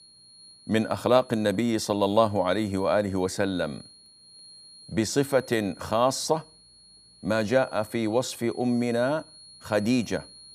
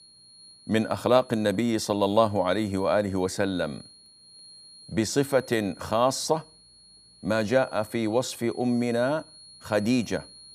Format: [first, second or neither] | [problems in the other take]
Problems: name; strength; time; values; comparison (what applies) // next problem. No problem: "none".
neither | high-pitched whine; faint; throughout; 4.5 kHz, 25 dB below the speech; the same in both